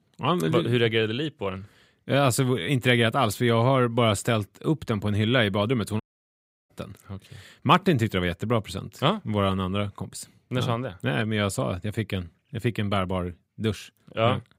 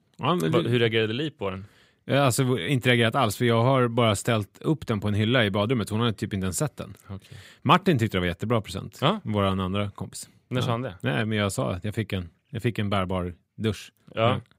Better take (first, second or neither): second